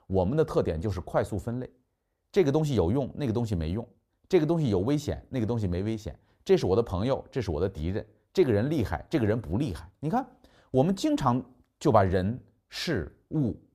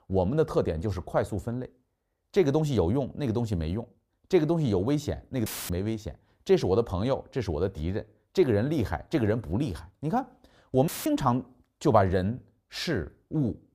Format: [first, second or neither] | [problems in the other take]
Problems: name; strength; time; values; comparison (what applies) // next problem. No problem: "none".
first | audio cutting out; filled with static; at 5.5 s and at 11 s